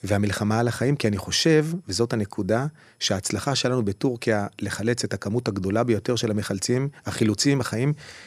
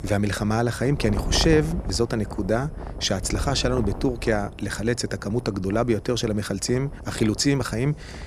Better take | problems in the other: first | wind noise on the microphone; occasional gusts; 15 dB below the speech

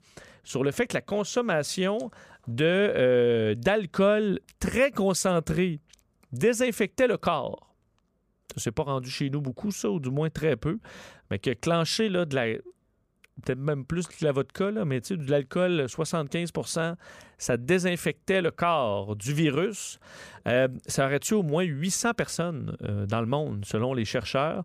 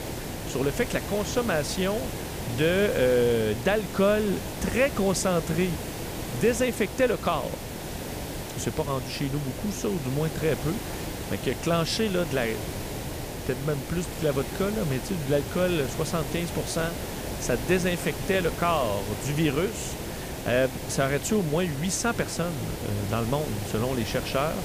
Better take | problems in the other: first | hiss; loud; throughout; 7 dB below the speech

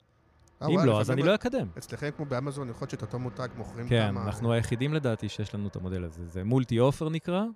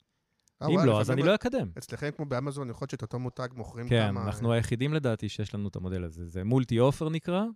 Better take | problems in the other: second | traffic noise; faint; throughout; 20 dB below the speech

